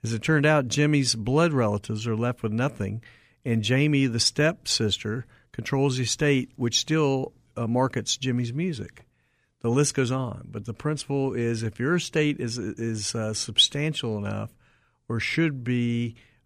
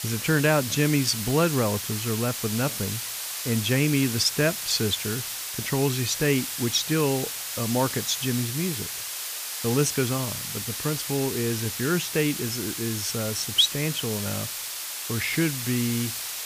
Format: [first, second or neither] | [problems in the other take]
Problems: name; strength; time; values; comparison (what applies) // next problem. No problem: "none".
first | hiss; loud; throughout; 4 dB below the speech